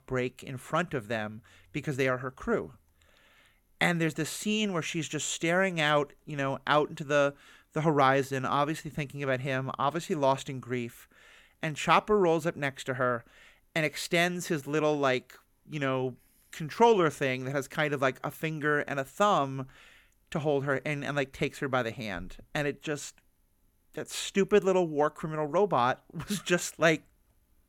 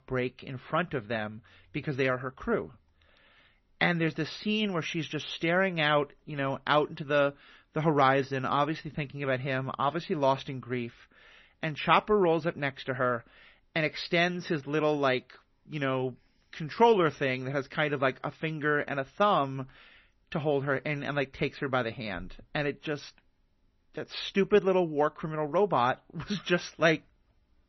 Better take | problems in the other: first | garbled, watery; slightly; nothing above 6 kHz

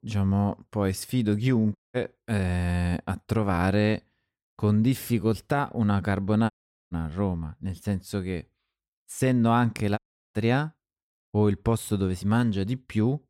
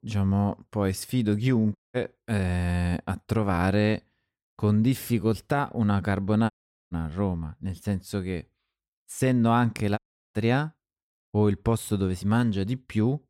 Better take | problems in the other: neither | audio cutting out; at 2 s, at 6.5 s and at 10 s; the same in both

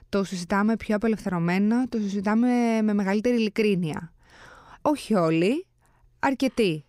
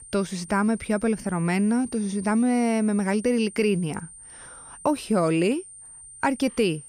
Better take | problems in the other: first | high-pitched whine; noticeable; throughout; 9 kHz, 15 dB below the speech

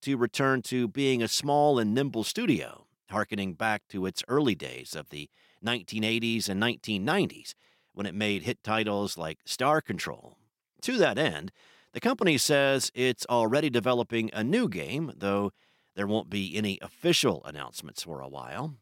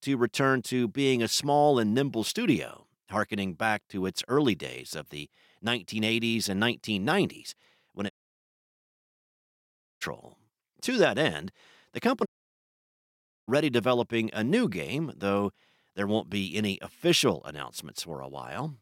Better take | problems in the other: first | audio cutting out; at 8 s for 2 s and at 12 s for 1 s

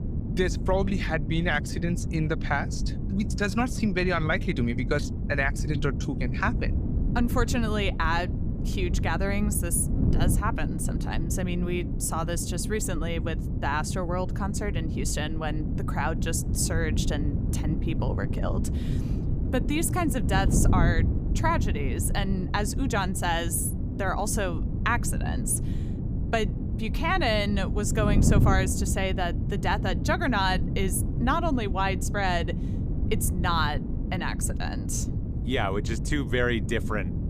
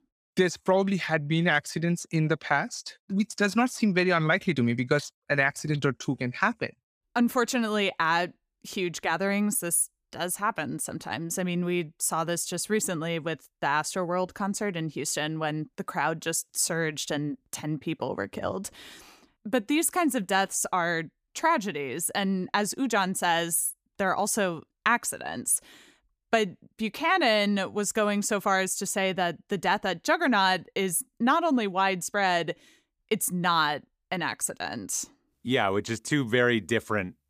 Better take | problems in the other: second | wind noise on the microphone; occasional gusts; 10 dB below the speech

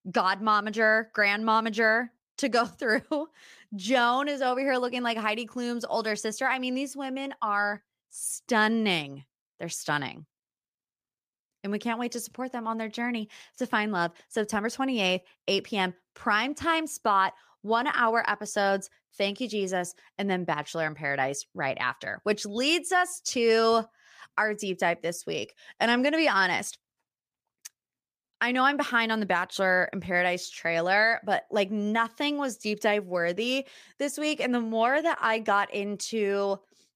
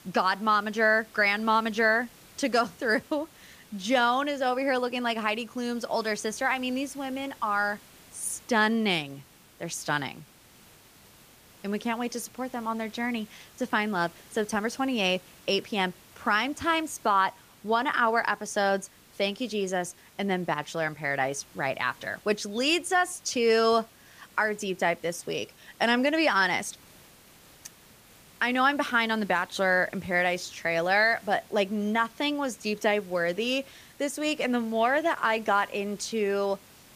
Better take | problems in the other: first | hiss; faint; throughout; 25 dB below the speech

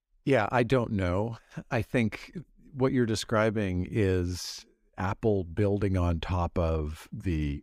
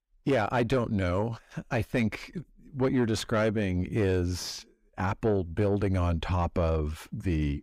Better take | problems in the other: first | distortion; slight; 10 dB below the speech

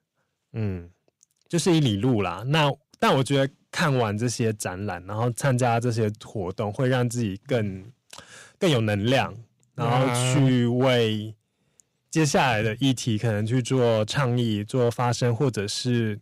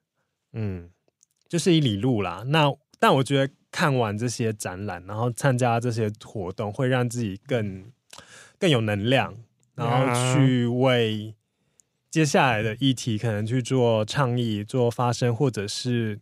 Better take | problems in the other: second | distortion; slight; 4% of the sound clipped

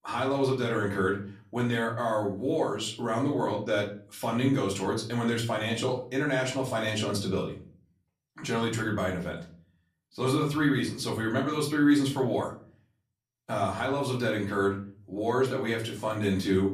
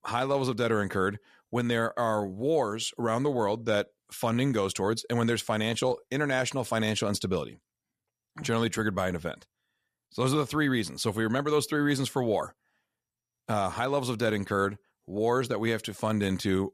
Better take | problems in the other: second | off-mic speech; far // room echo; slight; dies away in 0.4 s

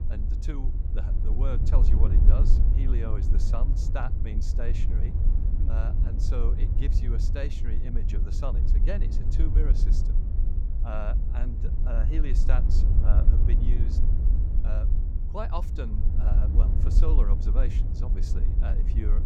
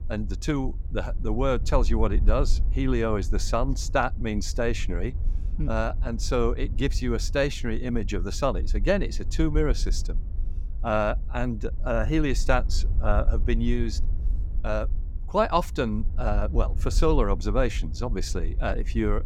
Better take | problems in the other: second | wind noise on the microphone; heavy; 3 dB below the speech; occasional gusts in the second

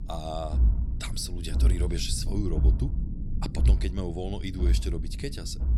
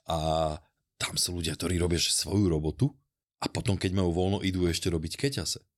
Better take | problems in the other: second | low rumble; loud; throughout; 9 dB below the speech

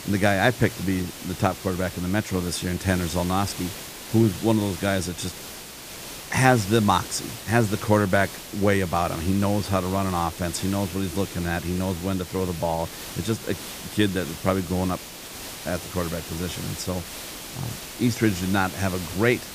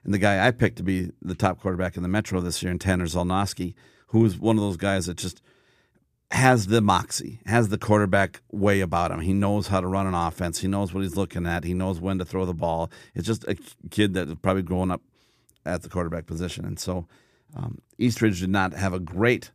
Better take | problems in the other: second | hiss; noticeable; throughout; 10 dB below the speech

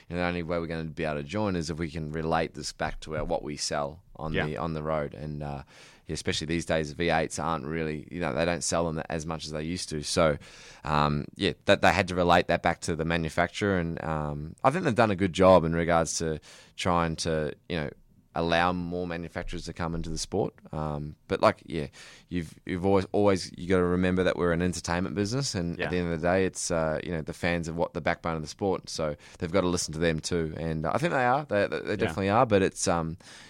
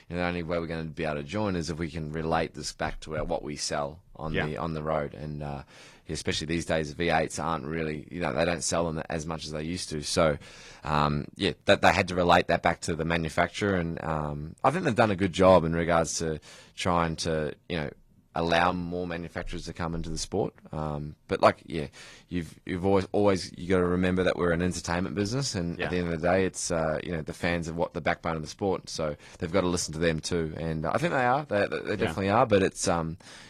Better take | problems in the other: first | garbled, watery; slightly

